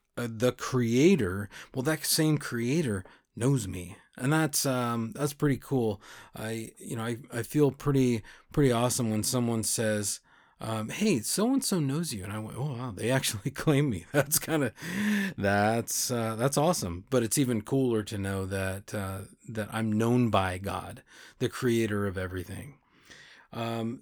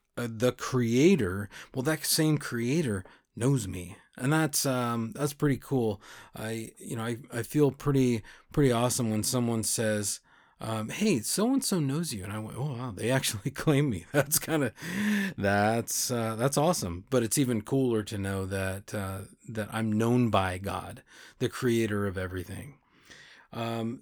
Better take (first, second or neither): neither